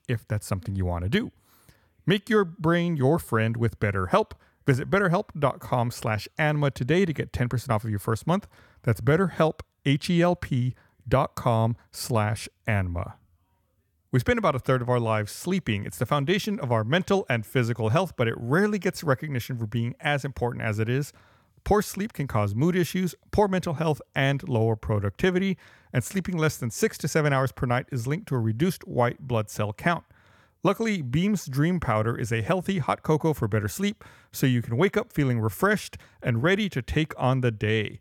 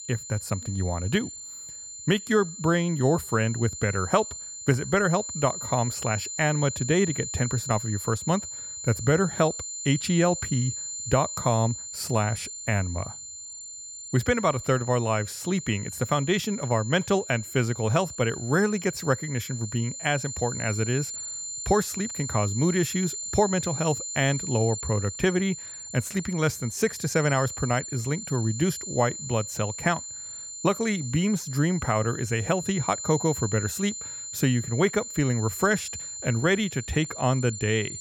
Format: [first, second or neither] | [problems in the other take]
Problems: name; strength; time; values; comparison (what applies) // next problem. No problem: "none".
first | high-pitched whine; loud; throughout; 7 kHz, 8 dB below the speech